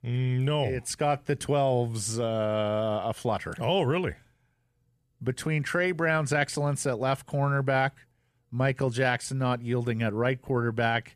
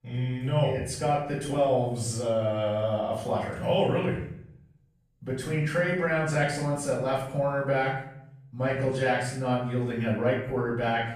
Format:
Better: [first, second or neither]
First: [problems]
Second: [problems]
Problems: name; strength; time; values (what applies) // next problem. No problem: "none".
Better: first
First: none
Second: off-mic speech; far // room echo; noticeable; dies away in 0.6 s